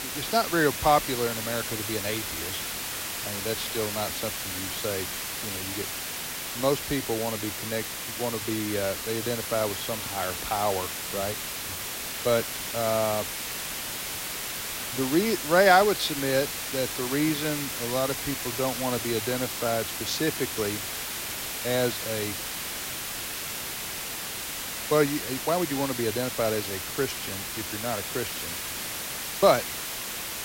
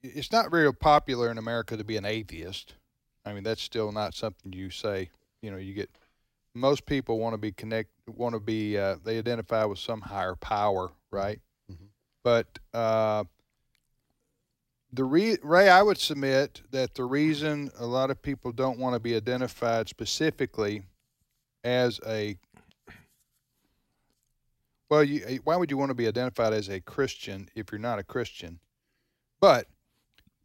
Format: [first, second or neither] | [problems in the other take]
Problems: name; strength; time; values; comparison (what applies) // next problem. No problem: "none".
second | hiss; loud; throughout; 3 dB below the speech